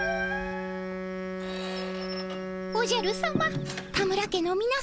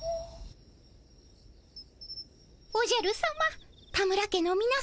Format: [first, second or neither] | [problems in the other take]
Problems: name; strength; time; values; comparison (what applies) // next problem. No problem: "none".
second | background sound (Wind instrument, woodwind instrument + Squeak); 2 dB below the speech